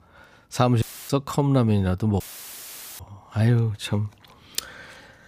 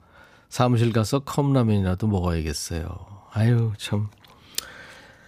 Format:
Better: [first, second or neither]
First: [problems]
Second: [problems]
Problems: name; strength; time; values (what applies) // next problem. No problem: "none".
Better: second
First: audio cutting out; filled with static; at 1 s and at 2 s for 1 s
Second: none